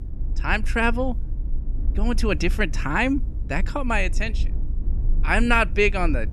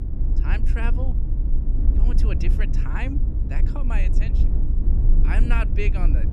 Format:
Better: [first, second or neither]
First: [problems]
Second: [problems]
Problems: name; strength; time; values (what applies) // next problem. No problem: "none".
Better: first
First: low rumble; faint; throughout; 25 dB below the speech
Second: low rumble; loud; throughout; 6 dB below the speech